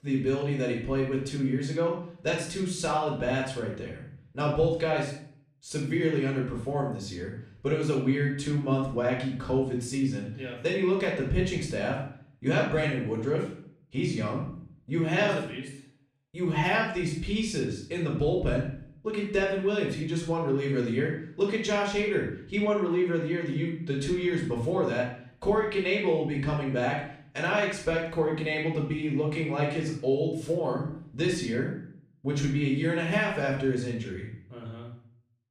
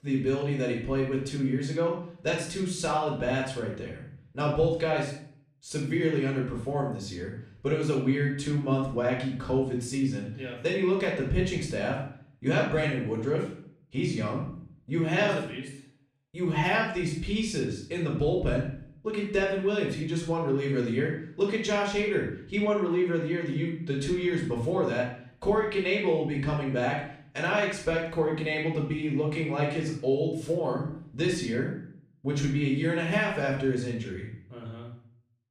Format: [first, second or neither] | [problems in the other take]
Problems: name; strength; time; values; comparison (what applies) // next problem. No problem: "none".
neither | off-mic speech; far; the same in both // room echo; noticeable; dies away in 0.5 s; the same in both